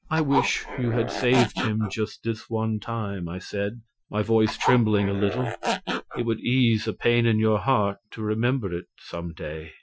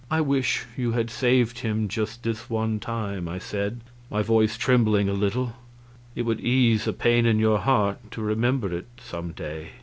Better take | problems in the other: second | noise reduction (classical method Wiener filter)

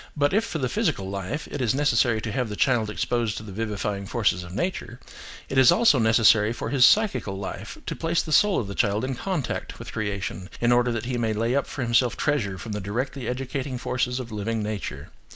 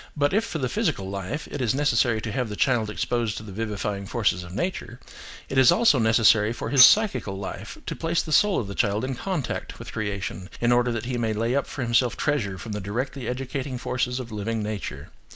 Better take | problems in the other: first | background sound (Tambourine); 4 dB below the speech

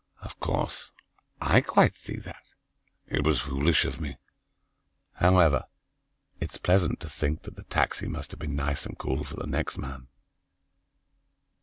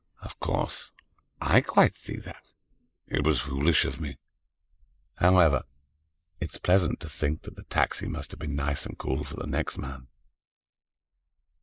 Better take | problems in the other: first | noise reduction (neural mask model Resemble Enhance denoiser)

